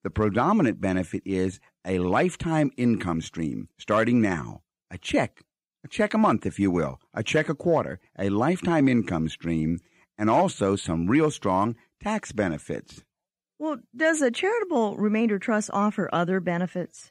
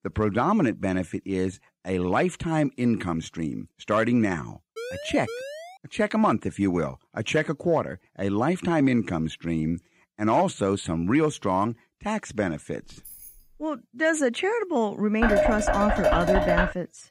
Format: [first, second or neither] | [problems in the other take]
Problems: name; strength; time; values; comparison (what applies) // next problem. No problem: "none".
first | siren; noticeable; from 5 to 6 s; peak 10 dB below the speech // jangling keys; faint; at 13 s; peak 15 dB below the speech // clattering dishes; loud; from 15 s on; peak 3 dB above the speech